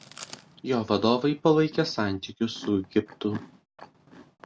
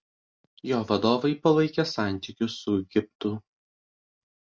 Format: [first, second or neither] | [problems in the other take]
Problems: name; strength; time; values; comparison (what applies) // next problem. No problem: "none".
second | background sound (Chewing, mastication); 20 dB below the speech